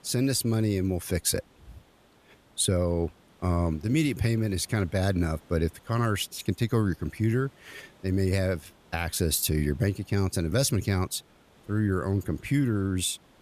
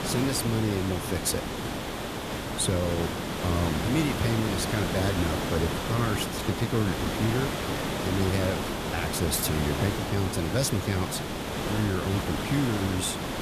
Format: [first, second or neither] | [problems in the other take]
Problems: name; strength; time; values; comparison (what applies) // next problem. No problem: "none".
first | hiss; loud; throughout; 2 dB below the speech; faint in the first